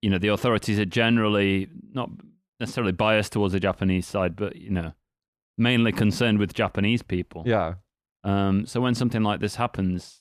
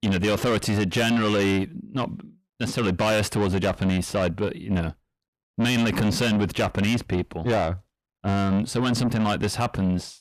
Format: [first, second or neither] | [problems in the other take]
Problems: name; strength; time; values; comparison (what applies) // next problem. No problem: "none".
first | distortion; heavy; 7 dB below the speech